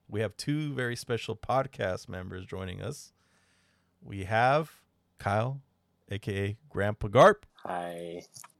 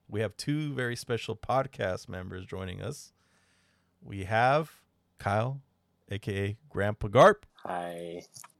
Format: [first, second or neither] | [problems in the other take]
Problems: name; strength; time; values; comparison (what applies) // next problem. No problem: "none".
neither | none